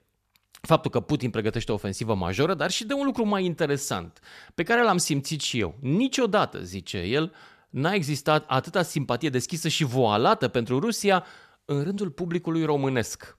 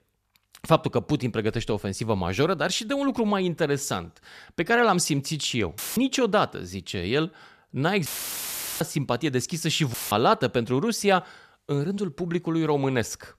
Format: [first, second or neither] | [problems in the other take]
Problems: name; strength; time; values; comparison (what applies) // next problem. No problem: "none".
first | audio cutting out; filled with static; at 6 s, at 8 s for 1 s and at 10 s